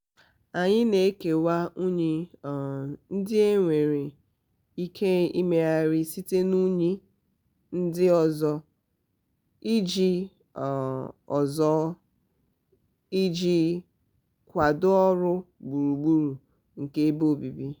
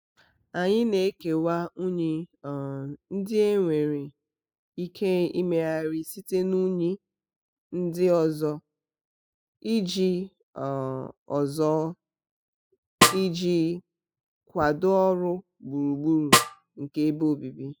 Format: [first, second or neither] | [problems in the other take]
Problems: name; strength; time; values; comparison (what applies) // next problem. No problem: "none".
first | noise reduction (classical method spectral subtraction)